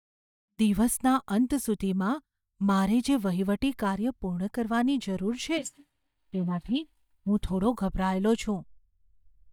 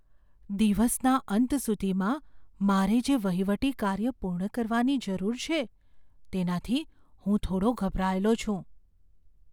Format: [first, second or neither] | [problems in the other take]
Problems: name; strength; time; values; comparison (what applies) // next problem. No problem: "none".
second | noise reduction (neural mask model DeepFilterNet 3)